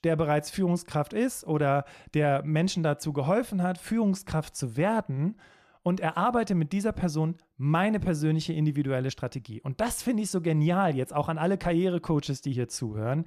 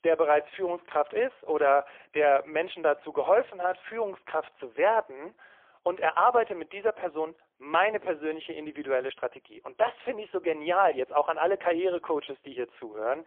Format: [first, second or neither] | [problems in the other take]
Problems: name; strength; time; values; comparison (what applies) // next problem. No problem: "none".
first | phone-call audio; poor line; nothing above 3.5 kHz